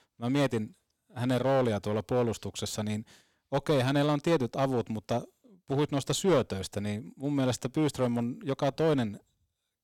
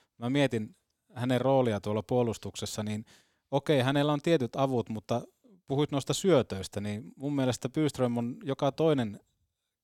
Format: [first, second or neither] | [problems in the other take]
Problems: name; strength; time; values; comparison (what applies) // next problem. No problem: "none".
second | distortion; slight; 4% of the sound clipped